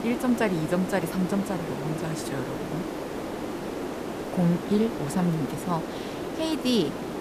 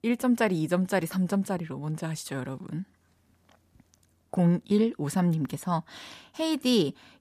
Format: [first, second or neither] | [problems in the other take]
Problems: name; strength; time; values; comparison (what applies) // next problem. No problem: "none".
second | hiss; loud; throughout; 5 dB below the speech